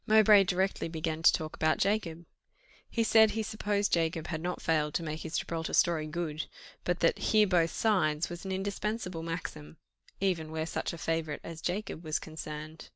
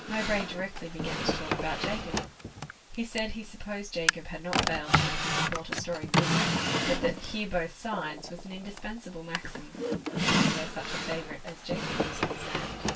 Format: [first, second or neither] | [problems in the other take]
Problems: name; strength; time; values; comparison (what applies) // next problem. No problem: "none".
first | background sound (Drawer open or close); 4 dB above the speech // room echo; dies away in 0.1 s